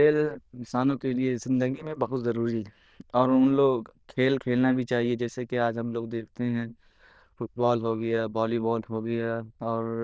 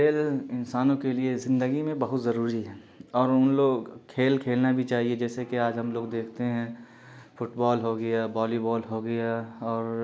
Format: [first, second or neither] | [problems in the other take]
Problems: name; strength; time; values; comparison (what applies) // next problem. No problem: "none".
second | noise reduction (neural diffusion model UNIVERSE++)